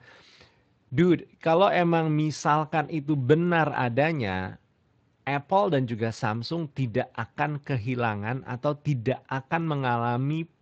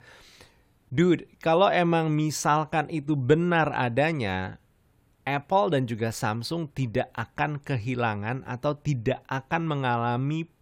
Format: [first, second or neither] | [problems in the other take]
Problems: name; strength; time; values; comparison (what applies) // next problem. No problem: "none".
second | garbled, watery; slightly; nothing above 7.5 kHz